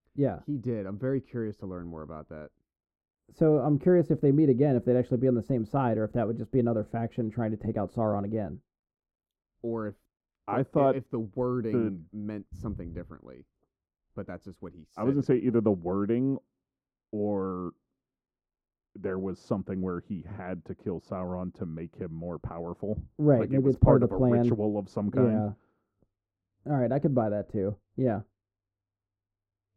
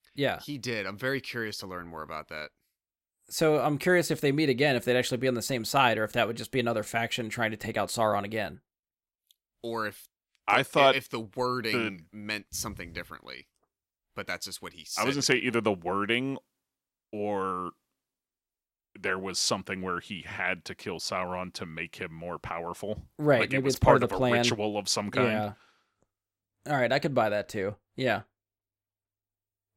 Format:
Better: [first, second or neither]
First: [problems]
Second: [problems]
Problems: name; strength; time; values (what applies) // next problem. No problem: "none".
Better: second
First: muffled; very; fading above 1 kHz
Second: none